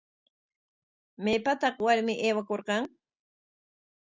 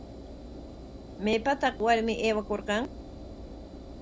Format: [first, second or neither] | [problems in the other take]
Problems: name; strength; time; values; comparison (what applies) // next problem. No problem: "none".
first | background sound (Engine); 12 dB below the speech